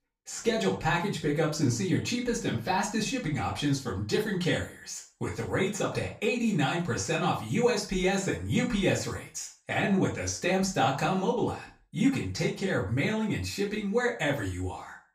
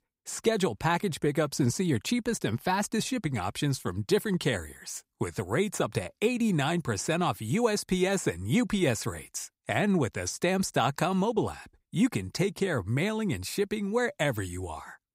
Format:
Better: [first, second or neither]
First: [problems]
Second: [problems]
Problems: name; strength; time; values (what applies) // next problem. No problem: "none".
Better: second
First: room echo; slight; dies away in 0.3 s // off-mic speech; far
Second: none